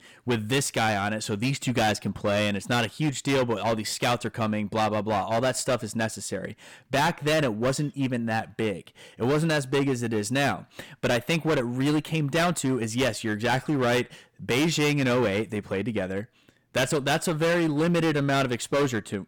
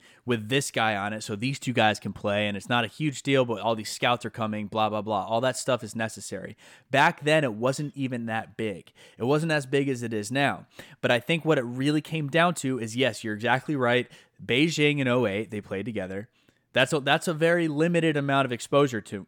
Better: second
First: distortion; heavy; 15% of the sound clipped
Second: none

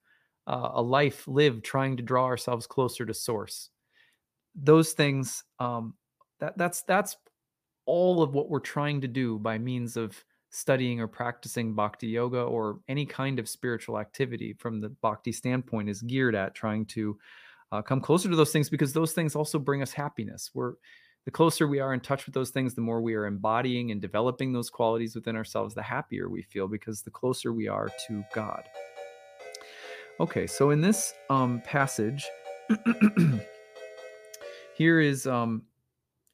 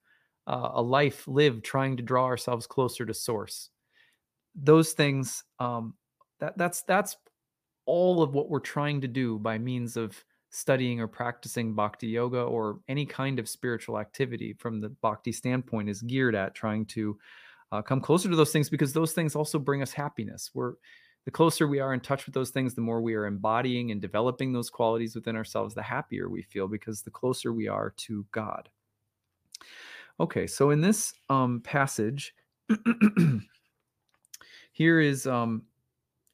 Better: second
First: phone ringing; faint; from 28 to 35 s; peak 15 dB below the speech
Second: none

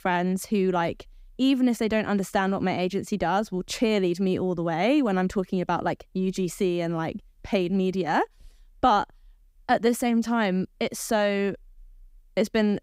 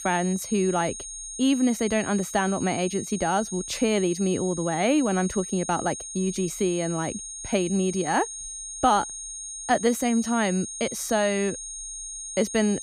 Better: first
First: none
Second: high-pitched whine; loud; throughout; 6.5 kHz, 8 dB below the speech

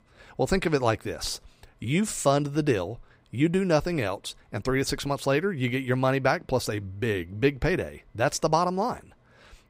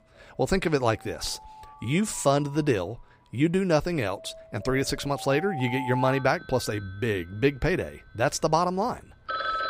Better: first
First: none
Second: alarms or sirens; noticeable; throughout; 10 dB below the speech

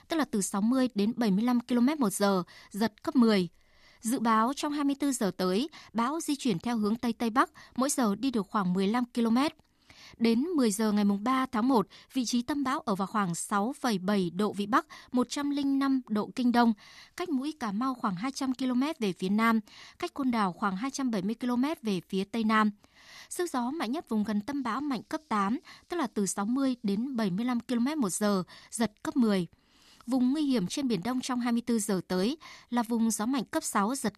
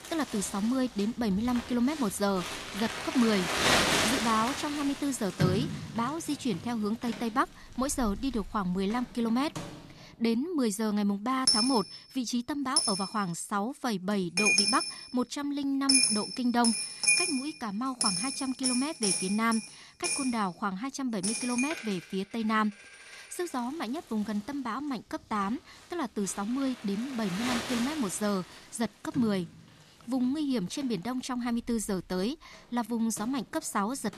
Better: first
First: none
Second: household noises; very loud; throughout; 2 dB above the speech

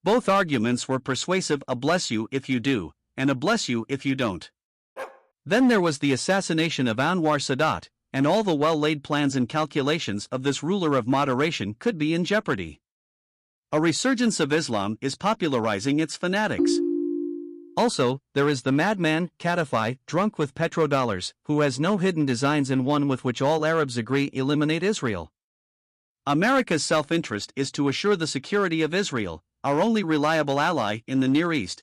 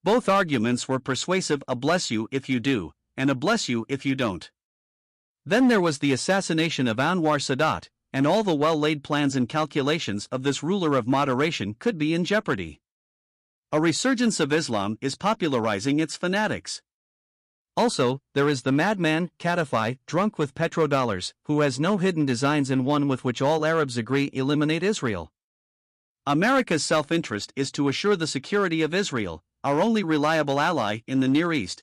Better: second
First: dog barking; faint; at 5 s; peak 15 dB below the speech // phone ringing; loud; at 17 s; peak 1 dB above the speech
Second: none

